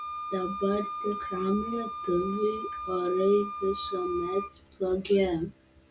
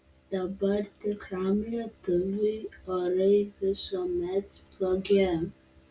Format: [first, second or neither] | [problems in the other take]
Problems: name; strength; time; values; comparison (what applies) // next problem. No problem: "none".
second | background sound (Wind instrument, woodwind instrument); 8 dB below the speech